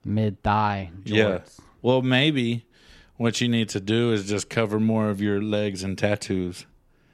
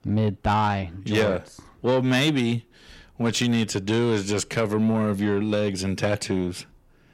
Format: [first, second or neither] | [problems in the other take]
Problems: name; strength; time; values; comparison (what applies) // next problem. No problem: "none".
first | distortion; slight; 10 dB below the speech